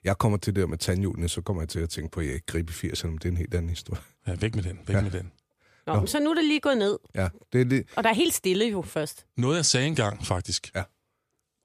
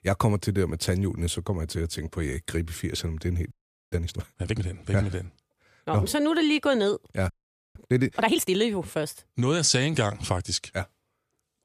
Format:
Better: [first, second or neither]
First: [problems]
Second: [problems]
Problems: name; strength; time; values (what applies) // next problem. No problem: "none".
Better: first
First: none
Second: audio freezing; at 3.5 s and at 7.5 s